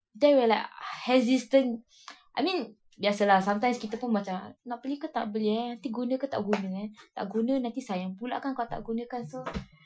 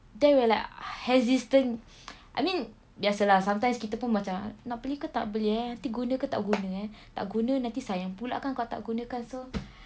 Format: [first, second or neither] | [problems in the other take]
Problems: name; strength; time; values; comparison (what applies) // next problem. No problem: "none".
second | noise reduction (classical method Wiener filter)